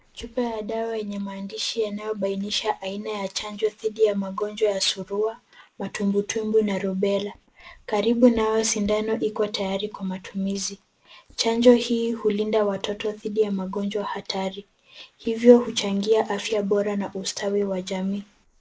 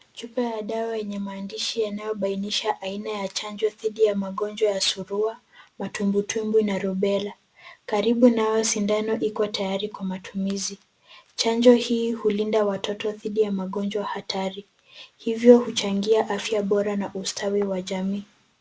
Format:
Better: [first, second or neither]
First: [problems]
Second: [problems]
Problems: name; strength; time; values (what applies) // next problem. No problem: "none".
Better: second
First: noise reduction (neural mask model Resemble Enhance denoiser)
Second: none